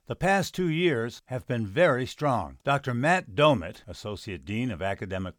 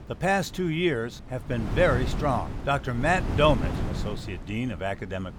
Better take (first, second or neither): first